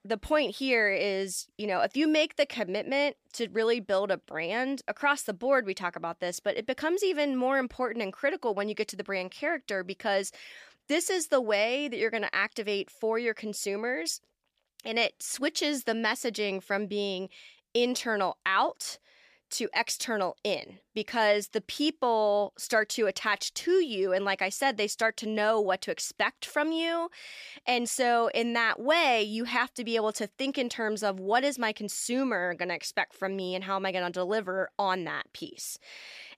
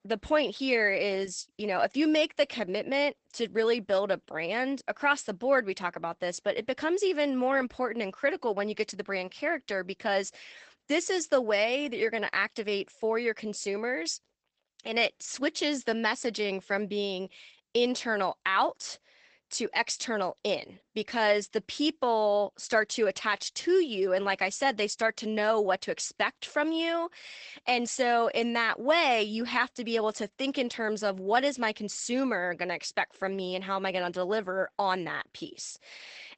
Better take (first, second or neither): first